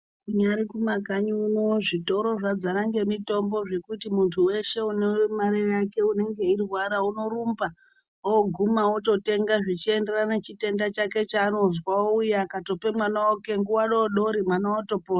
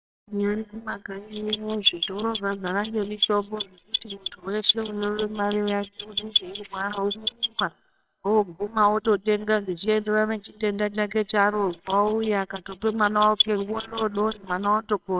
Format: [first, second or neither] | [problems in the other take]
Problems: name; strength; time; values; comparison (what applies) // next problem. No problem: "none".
first | noise reduction (neural separator model SepFormer WHAMR!)